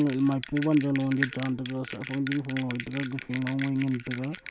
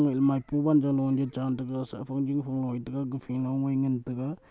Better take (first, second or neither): second